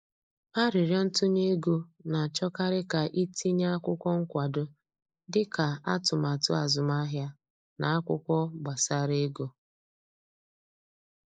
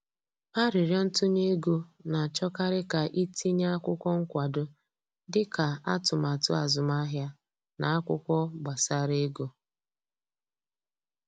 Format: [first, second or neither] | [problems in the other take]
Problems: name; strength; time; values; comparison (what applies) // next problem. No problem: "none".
second | noise reduction (neural mask model Resemble Enhance denoiser)